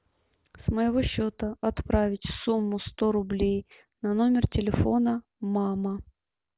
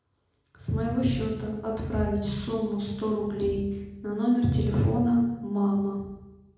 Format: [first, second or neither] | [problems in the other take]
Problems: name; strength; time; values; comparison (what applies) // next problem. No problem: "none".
first | room echo; dies away in 0.9 s